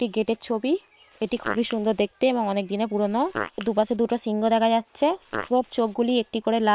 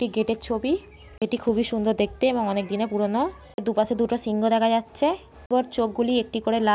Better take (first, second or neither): second